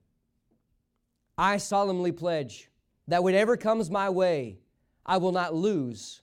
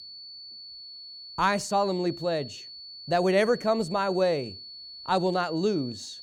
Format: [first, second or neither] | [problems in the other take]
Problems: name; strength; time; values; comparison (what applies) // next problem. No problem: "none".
first | high-pitched whine; noticeable; throughout; 4.5 kHz, 15 dB below the speech